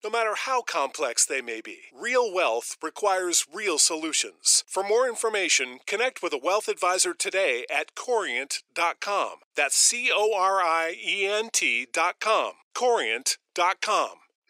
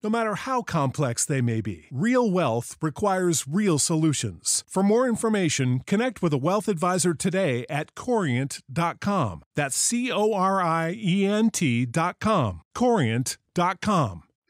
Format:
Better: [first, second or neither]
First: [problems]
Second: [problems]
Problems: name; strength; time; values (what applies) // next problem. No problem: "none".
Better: second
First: thin; very; fading below 400 Hz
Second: none